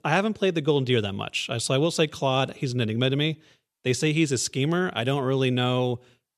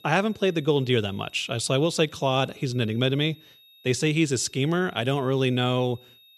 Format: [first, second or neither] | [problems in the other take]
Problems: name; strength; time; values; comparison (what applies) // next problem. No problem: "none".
first | high-pitched whine; faint; throughout; 3.5 kHz, 25 dB below the speech